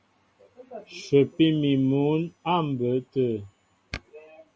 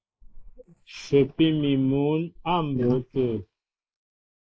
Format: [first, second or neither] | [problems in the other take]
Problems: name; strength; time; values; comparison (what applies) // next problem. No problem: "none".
first | noise reduction (neural mask model Resemble Enhance denoiser)